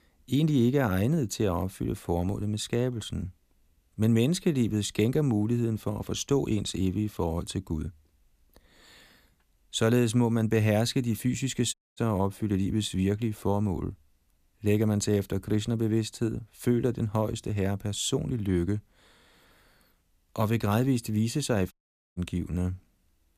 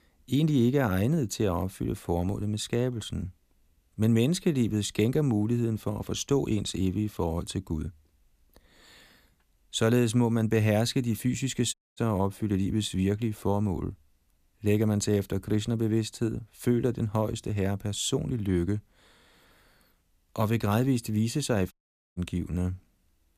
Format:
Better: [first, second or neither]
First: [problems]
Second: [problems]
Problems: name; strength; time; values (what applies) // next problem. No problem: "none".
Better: neither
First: audio cutting out; at 12 s and at 22 s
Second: audio cutting out; at 12 s and at 22 s